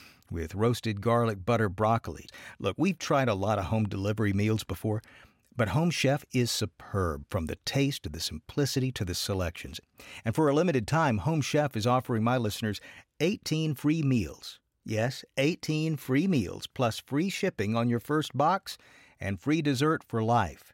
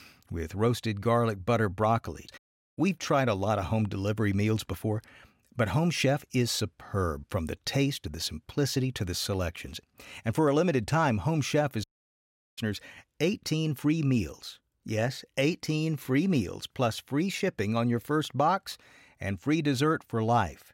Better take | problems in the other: first | audio cutting out; at 2.5 s and at 12 s for 0.5 s

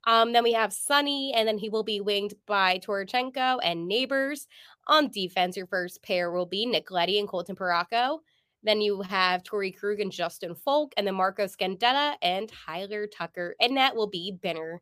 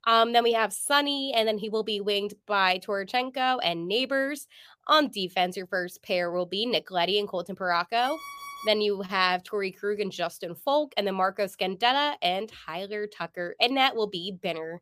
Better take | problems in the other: first | alarm; faint; at 8 s; peak 15 dB below the speech

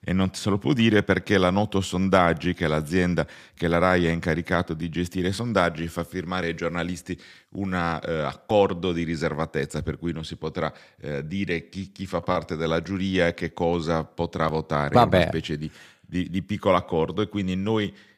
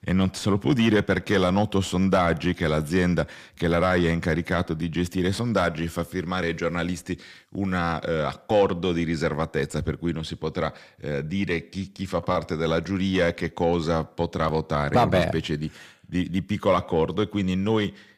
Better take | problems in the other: first | distortion; slight; 10 dB below the speech

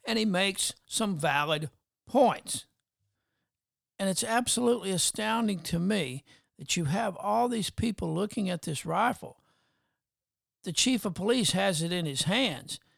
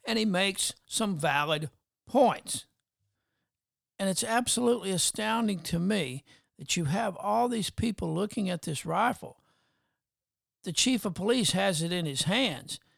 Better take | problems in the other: neither | none

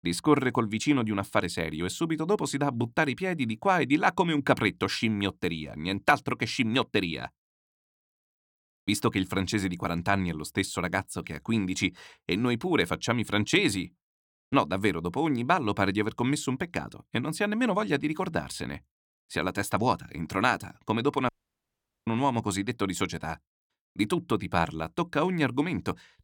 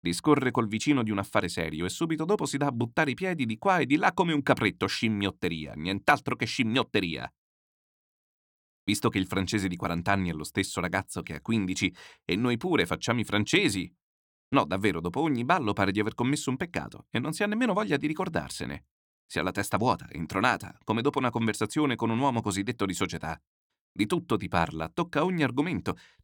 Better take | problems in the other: second | audio cutting out; at 21 s for 1 s

